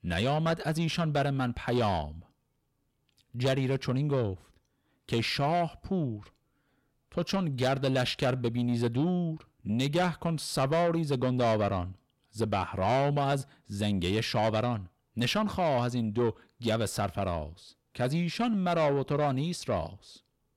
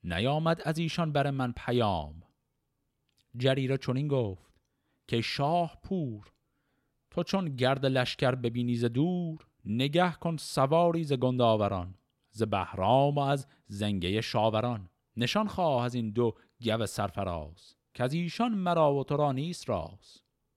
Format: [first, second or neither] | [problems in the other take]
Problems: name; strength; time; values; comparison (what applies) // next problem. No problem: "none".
second | distortion; slight; 10 dB below the speech